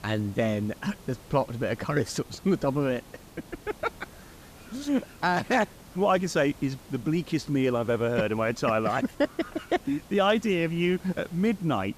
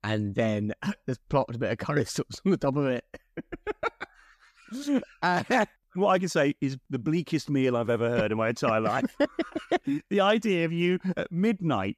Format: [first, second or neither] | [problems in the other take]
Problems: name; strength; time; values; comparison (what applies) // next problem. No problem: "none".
second | hiss; faint; throughout; 20 dB below the speech